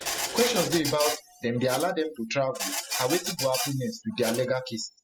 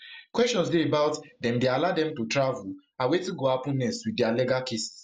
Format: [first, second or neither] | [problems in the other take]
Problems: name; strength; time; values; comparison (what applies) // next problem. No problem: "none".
second | noise reduction (classical method spectral subtraction)